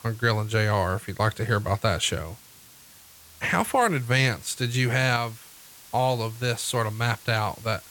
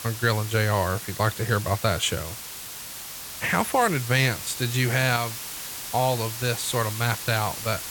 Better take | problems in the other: first | hiss; loud; throughout; 8 dB below the speech; faint in the first

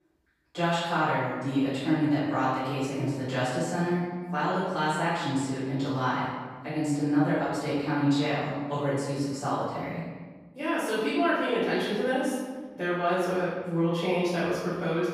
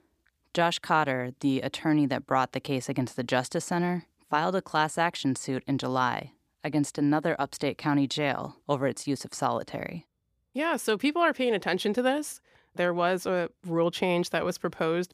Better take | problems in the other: second | off-mic speech; far // room echo; strong; dies away in 1.3 s

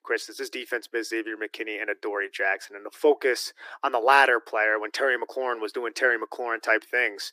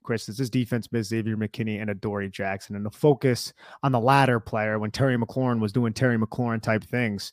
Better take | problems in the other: second | thin; very; fading below 300 Hz

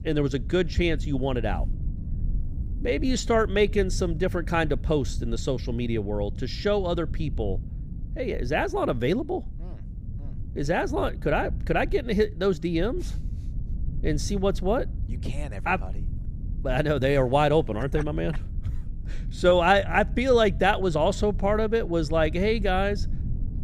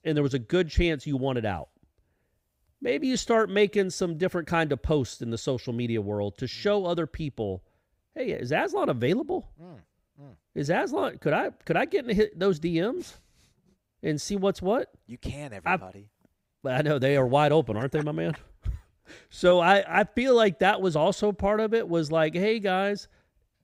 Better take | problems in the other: second | low rumble; faint; throughout; 25 dB below the speech

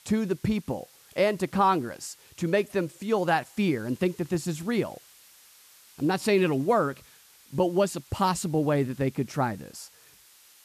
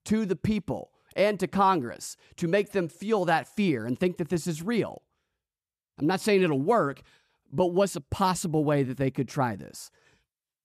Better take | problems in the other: second | hiss; faint; throughout; 25 dB below the speech

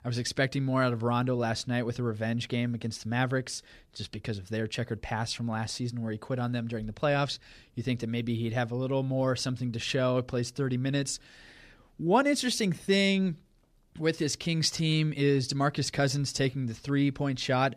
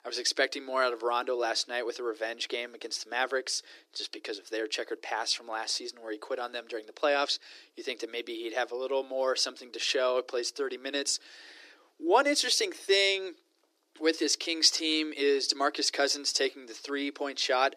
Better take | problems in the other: first | thin; very; fading below 300 Hz

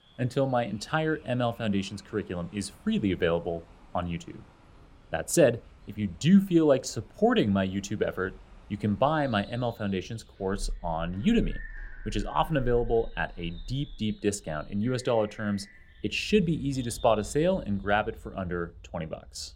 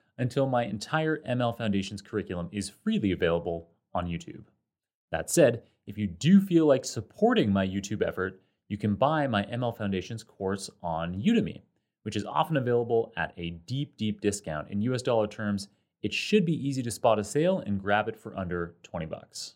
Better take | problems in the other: second | animal sounds; faint; throughout; 20 dB below the speech

